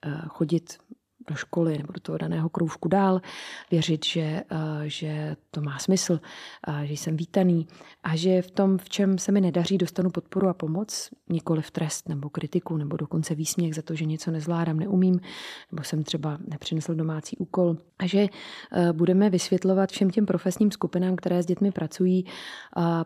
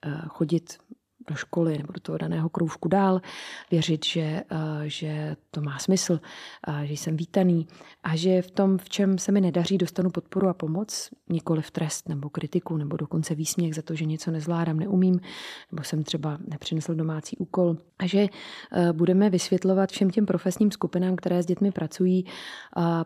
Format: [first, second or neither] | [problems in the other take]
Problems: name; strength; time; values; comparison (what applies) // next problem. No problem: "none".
neither | none